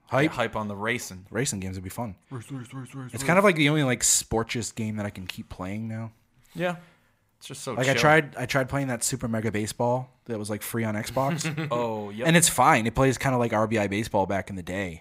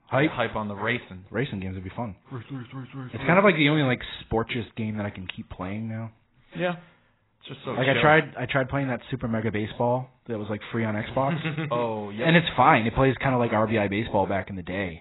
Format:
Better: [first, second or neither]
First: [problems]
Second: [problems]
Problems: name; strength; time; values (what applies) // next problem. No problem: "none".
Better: first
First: none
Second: garbled, watery; badly; nothing above 4 kHz